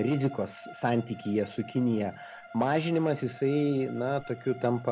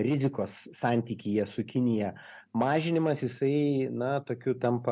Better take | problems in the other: second | background sound (Bowed string instrument); 19 dB below the speech

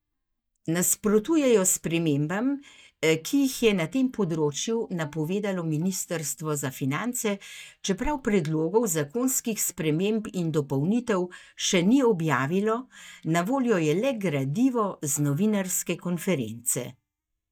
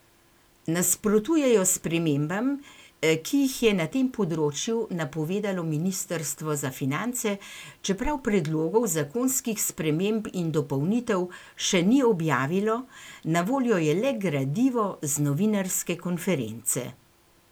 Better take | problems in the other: second | noise reduction (neural mask model DeepFilterNet 3)

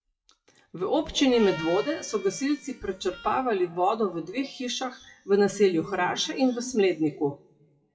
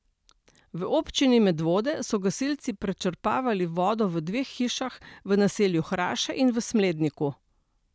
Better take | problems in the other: second | noise reduction (classical method WPE with log-MMSE)

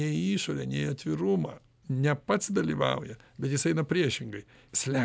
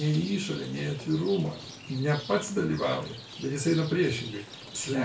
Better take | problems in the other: first | background sound (Rain); 15 dB below the speech // room echo; dies away in 0.3 s

